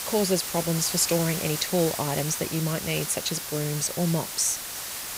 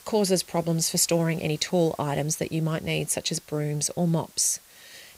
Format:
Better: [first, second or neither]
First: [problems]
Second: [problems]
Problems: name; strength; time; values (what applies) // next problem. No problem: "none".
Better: second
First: hiss; loud; throughout; 4 dB below the speech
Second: hiss; faint; throughout; 25 dB below the speech